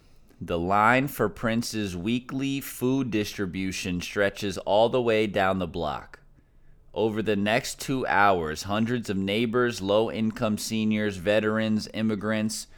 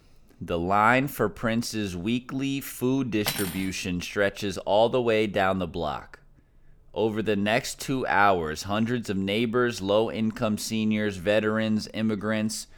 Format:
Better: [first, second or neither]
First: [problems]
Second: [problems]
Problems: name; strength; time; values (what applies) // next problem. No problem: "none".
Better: first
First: none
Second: clattering dishes; noticeable; at 3.5 s; peak 4 dB below the speech